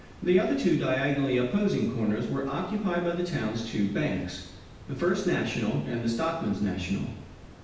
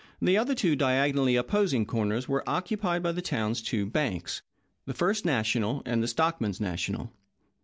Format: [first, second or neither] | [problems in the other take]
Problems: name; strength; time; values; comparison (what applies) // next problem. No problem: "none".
second | background sound (Water); 19 dB below the speech // room echo; dies away in 0.9 s